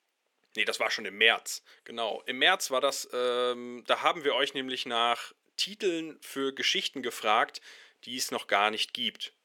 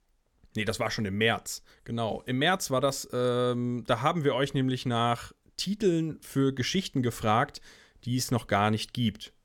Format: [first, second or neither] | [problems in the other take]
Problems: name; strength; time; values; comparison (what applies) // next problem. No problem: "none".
second | thin; somewhat; fading below 350 Hz